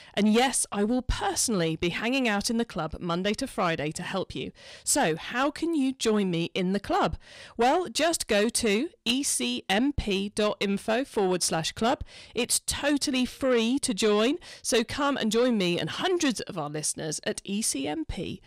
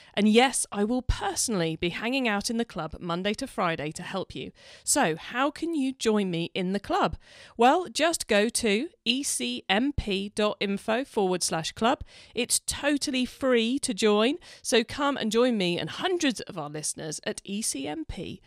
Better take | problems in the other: second | distortion; slight; 10 dB below the speech

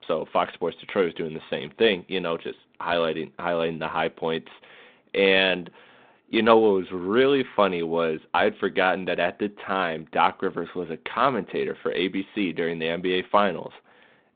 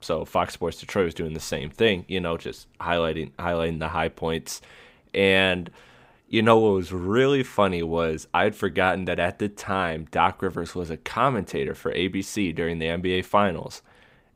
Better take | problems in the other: second | phone-call audio

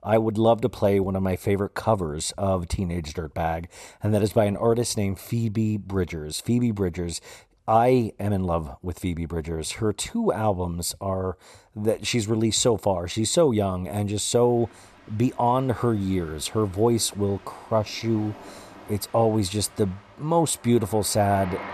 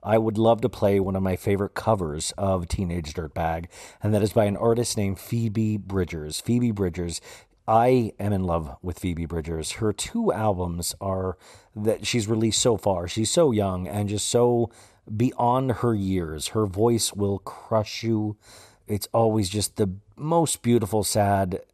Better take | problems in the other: second | train or aircraft noise; faint; from 14 s on; 20 dB below the speech

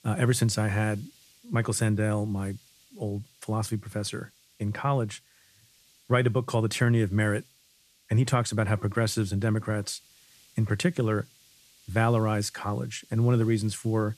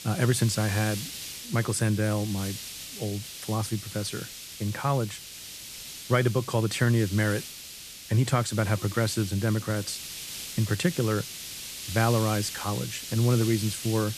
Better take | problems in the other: first | hiss; loud; throughout; 9 dB below the speech; faint in the first

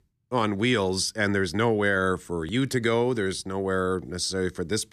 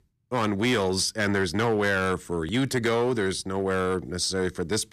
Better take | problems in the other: first | distortion; slight; 8% of the sound clipped

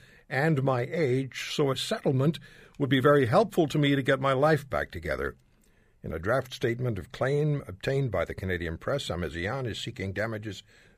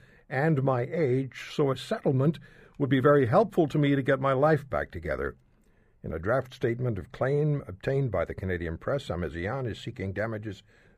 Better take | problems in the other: first | muffled; slightly; fading above 2 kHz

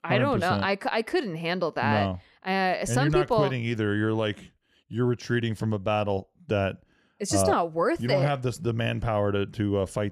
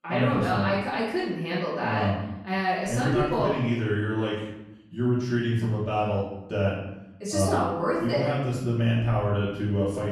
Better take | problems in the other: first | off-mic speech; far // room echo; noticeable; dies away in 0.8 s

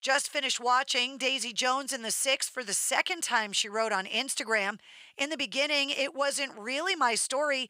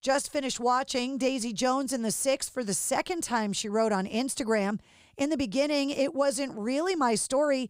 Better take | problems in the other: second | thin; somewhat; fading below 1 kHz

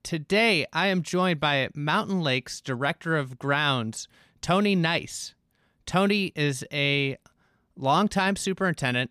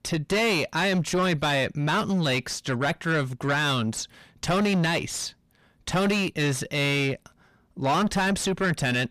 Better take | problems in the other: first | distortion; heavy; 6 dB below the speech

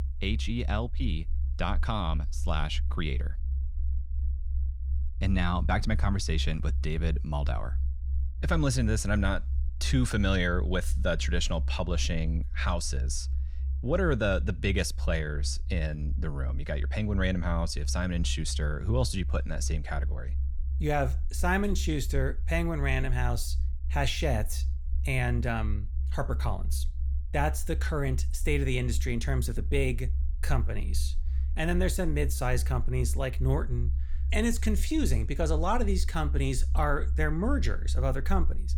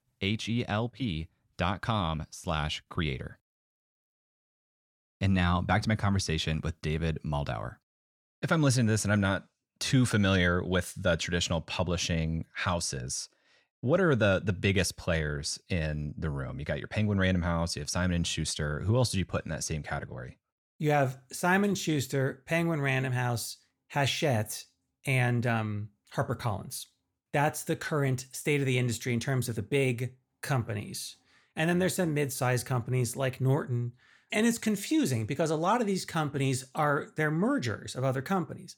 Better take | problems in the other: second | low rumble; noticeable; throughout; 20 dB below the speech

